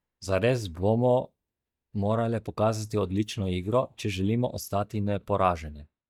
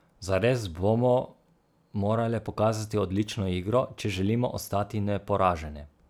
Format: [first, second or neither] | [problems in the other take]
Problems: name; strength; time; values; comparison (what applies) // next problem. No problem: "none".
second | noise reduction (neural mask model DeepFilterNet 3)